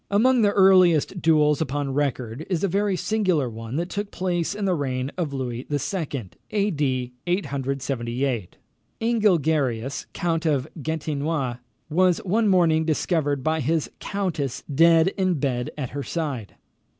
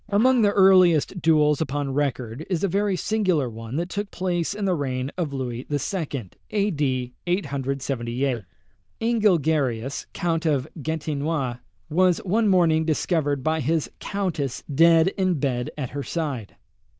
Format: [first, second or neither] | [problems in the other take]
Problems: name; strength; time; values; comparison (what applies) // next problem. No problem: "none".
first | noise reduction (neural diffusion model UNIVERSE++)